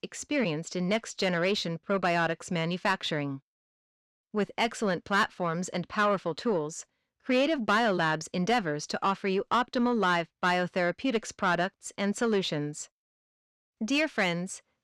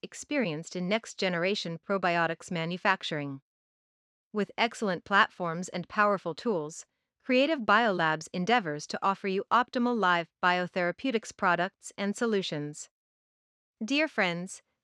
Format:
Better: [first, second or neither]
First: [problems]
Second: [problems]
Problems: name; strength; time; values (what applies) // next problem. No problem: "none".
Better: second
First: distortion; slight; 10 dB below the speech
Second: none